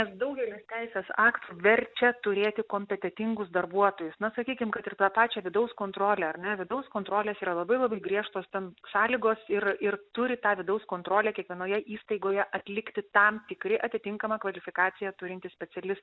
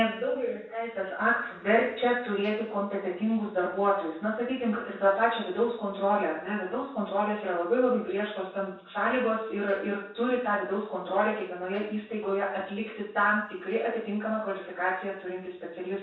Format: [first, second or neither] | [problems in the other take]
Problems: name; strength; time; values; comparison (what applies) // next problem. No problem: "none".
first | room echo; dies away in 0.6 s